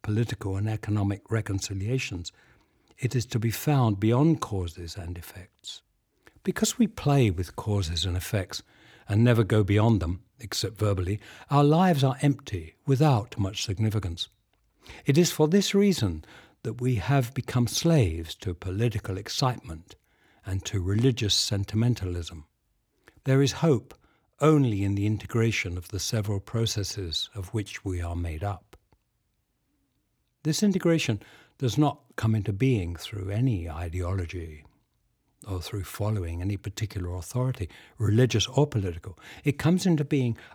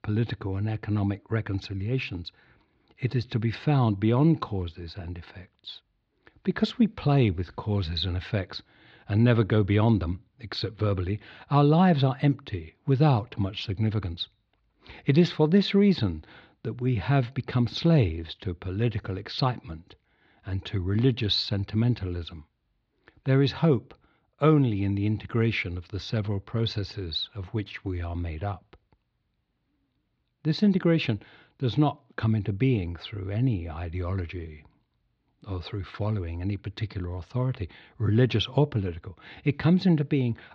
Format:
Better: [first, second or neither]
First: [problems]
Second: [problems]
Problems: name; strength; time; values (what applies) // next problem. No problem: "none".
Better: first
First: none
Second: muffled; very slightly; fading above 4.5 kHz